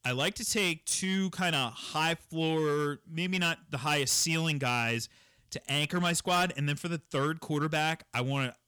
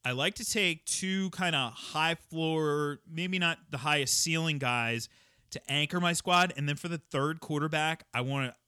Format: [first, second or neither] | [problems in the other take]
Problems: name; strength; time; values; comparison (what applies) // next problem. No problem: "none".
second | distortion; slight; 5% of the sound clipped